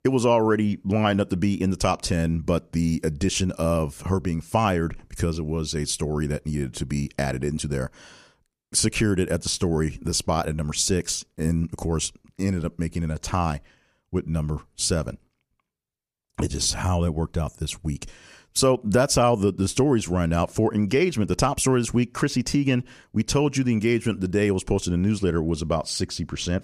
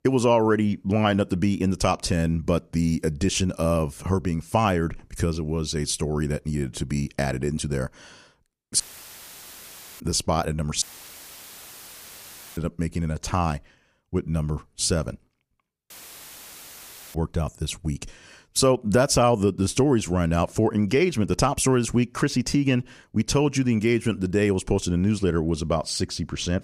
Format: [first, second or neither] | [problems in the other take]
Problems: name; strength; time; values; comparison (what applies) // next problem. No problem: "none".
first | audio cutting out; filled with static; at 9 s for 1 s, at 11 s for 2 s and at 16 s for 1 s